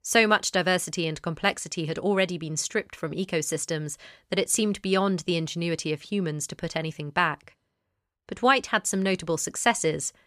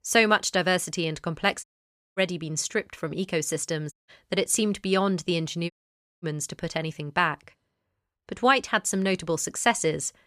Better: first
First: none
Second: audio cutting out; at 1.5 s for 0.5 s, at 4 s and at 5.5 s for 0.5 s

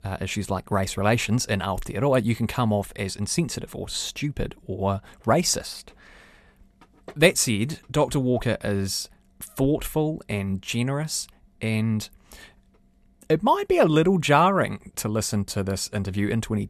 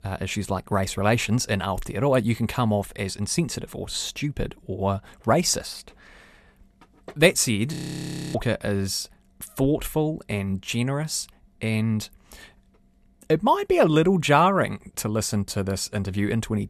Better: first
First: none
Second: audio freezing; at 8 s for 0.5 s

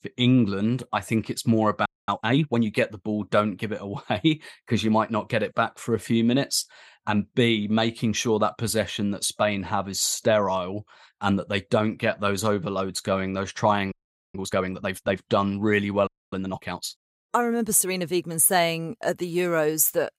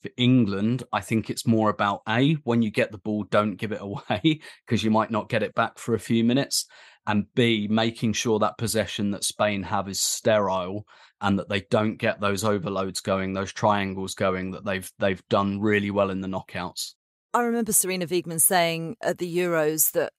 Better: second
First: audio freezing; at 2 s, at 14 s and at 16 s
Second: none

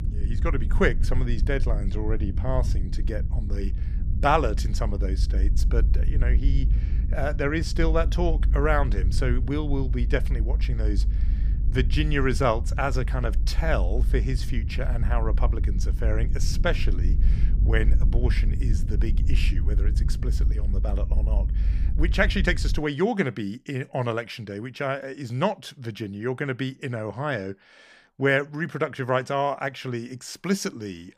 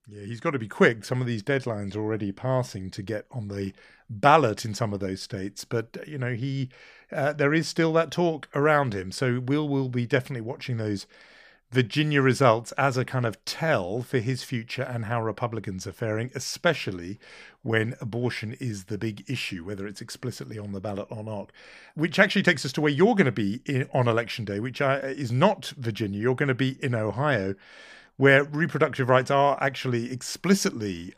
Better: second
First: low rumble; noticeable; until 23 s; 15 dB below the speech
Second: none

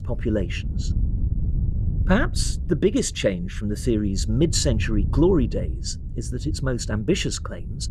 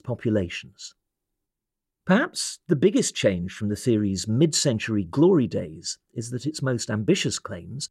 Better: second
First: wind noise on the microphone; occasional gusts; 15 dB below the speech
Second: none

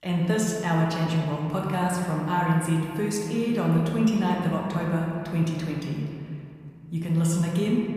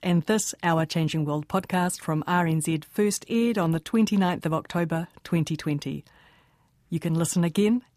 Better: second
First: room echo; noticeable; dies away in 2.3 s // off-mic speech; somewhat distant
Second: none

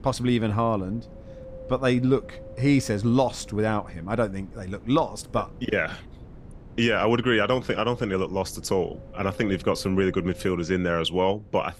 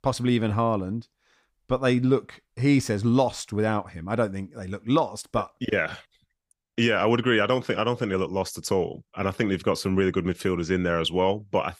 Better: second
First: wind noise on the microphone; occasional gusts; 20 dB below the speech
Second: none

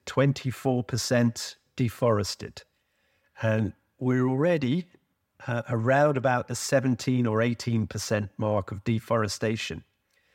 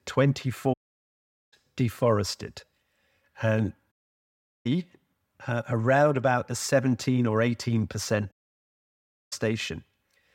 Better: first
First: none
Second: audio cutting out; at 0.5 s for 1 s, at 4 s for 0.5 s and at 8.5 s for 1 s

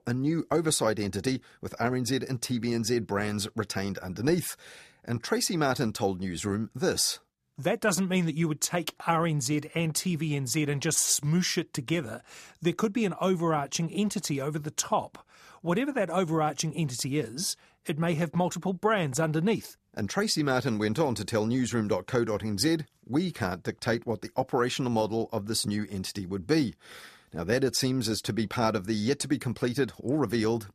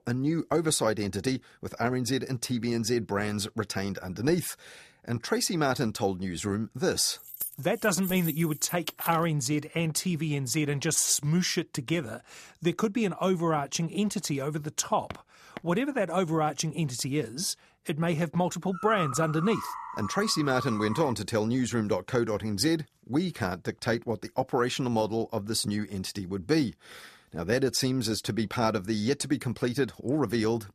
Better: first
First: none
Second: jangling keys; noticeable; from 7 to 9 s; peak 6 dB below the speech // footsteps; faint; at 15 s; peak 15 dB below the speech // dog barking; noticeable; from 19 to 21 s; peak 5 dB below the speech

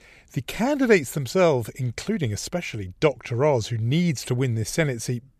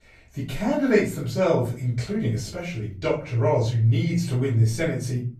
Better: first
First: none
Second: off-mic speech; far // room echo; slight; dies away in 0.4 s

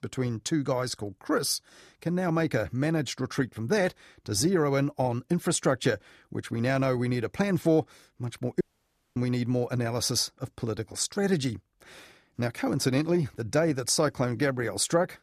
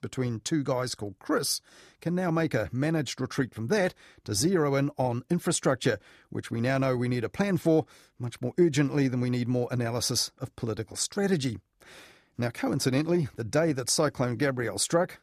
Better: second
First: audio cutting out; at 8.5 s for 0.5 s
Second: none

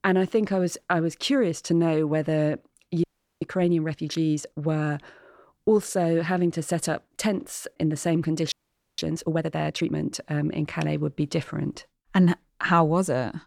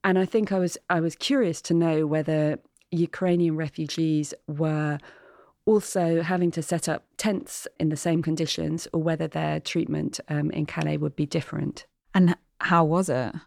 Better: second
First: audio freezing; at 3 s and at 8.5 s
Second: none

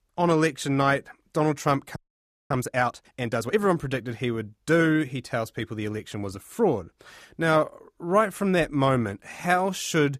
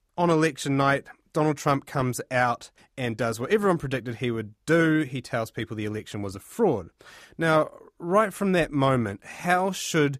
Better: second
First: audio freezing; at 2 s for 0.5 s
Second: none

